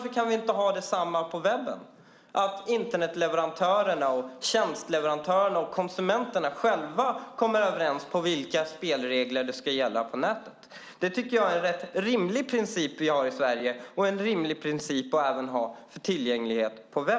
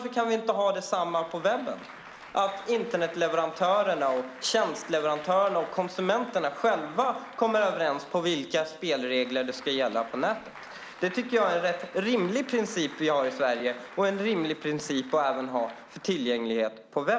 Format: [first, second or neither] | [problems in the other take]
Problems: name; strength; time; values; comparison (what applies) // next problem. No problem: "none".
first | background sound (Applause); 20 dB below the speech